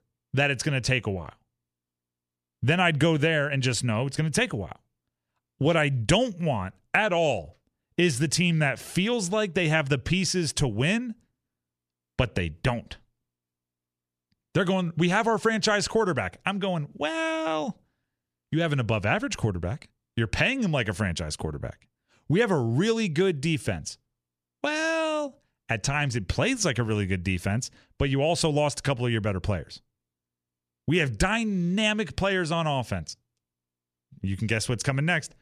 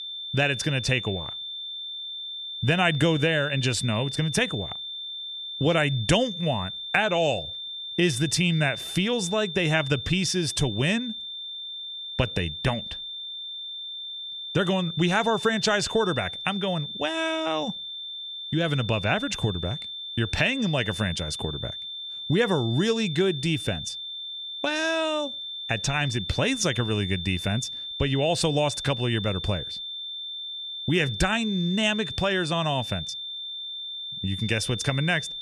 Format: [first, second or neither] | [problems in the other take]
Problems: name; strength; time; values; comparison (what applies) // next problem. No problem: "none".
first | high-pitched whine; loud; throughout; 3.5 kHz, 7 dB below the speech